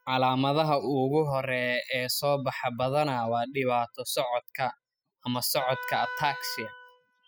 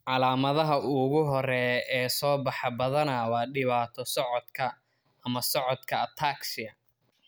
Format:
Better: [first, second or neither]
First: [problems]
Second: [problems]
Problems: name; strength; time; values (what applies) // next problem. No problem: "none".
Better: second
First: noise reduction (classical method spectral subtraction)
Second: none